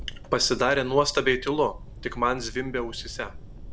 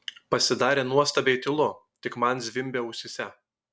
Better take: second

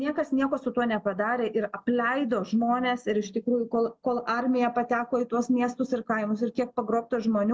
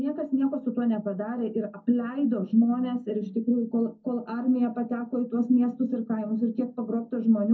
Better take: first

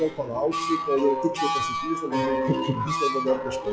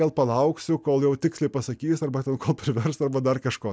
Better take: second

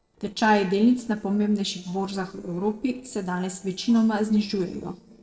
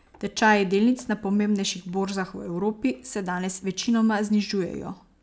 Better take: second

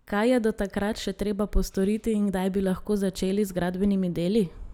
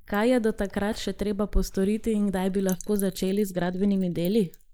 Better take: first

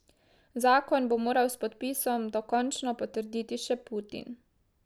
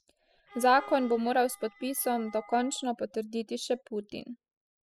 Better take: first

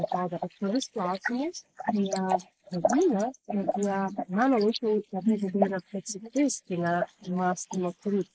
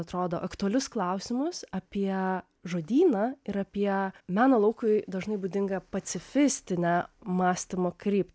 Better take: second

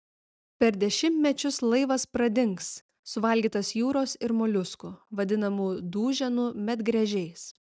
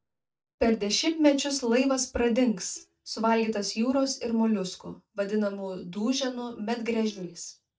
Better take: first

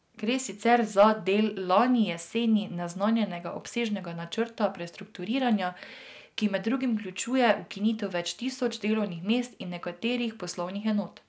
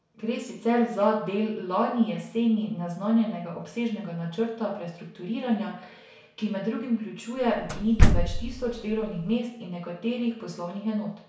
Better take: first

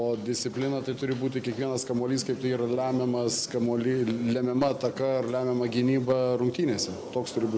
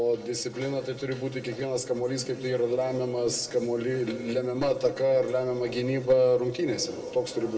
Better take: first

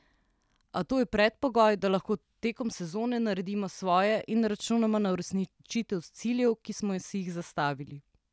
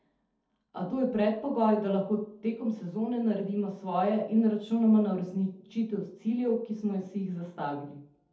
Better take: first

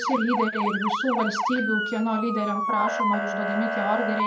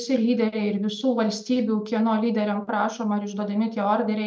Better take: second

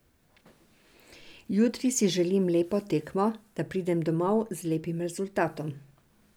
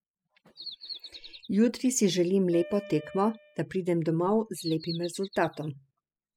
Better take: first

